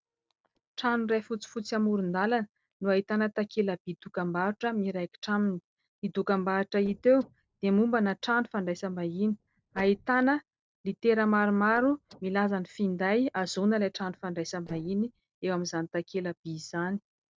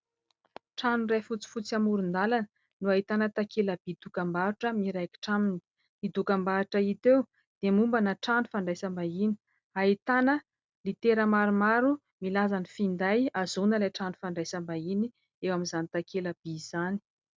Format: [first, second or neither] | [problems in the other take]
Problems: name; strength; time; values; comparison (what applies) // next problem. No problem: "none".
second | noise reduction (neural separator model SepFormer DNS4)